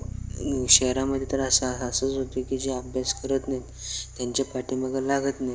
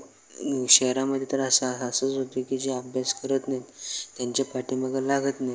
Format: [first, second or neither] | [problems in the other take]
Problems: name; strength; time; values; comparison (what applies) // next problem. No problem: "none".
second | background sound (Bass guitar); 12 dB below the speech